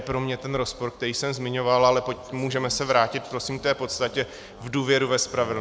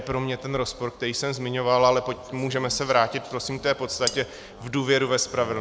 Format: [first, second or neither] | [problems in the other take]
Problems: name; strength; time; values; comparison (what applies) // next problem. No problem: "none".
first | background sound (Cutlery, silverware); 8 dB below the speech